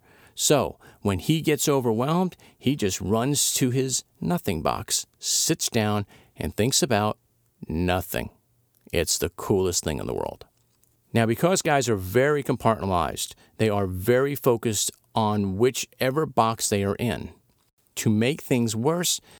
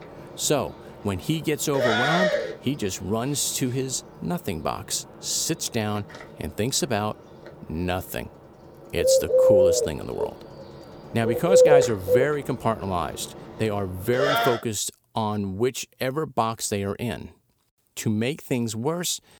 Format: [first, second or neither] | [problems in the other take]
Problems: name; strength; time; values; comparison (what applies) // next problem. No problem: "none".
first | animal sounds; very loud; until 15 s; 5 dB above the speech